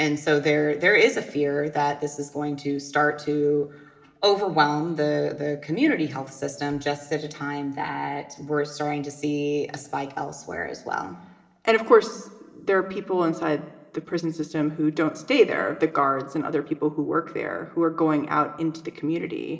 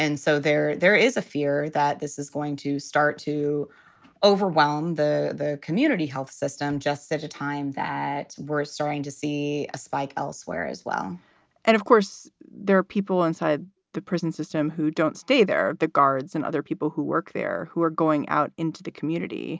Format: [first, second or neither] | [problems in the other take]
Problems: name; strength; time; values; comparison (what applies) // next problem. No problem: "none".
second | room echo; dies away in 0.9 s